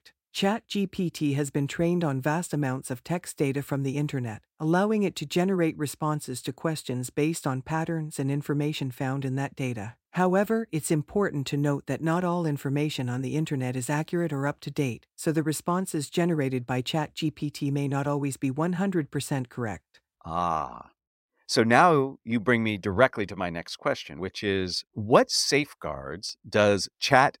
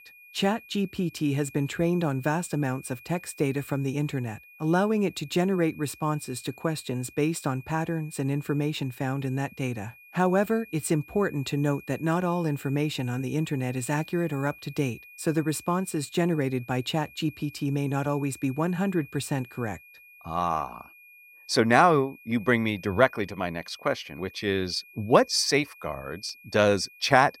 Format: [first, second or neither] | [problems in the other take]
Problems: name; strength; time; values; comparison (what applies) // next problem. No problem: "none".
first | high-pitched whine; faint; throughout; 2.5 kHz, 20 dB below the speech